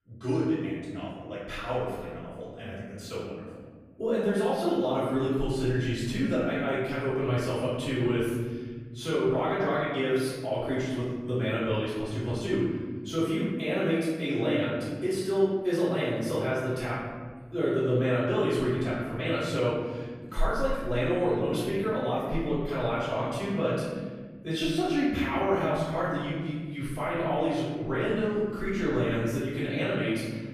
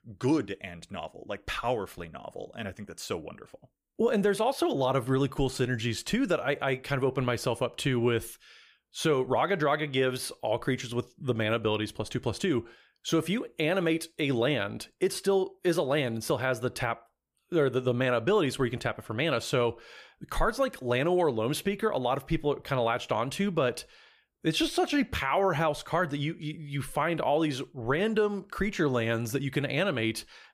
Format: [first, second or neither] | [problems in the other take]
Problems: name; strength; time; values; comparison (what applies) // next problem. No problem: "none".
second | off-mic speech; far // room echo; strong; dies away in 2 s